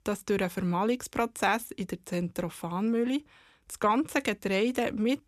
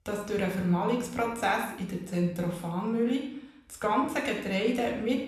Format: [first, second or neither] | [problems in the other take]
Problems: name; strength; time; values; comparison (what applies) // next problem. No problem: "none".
first | off-mic speech; somewhat distant // room echo; noticeable; dies away in 0.6 s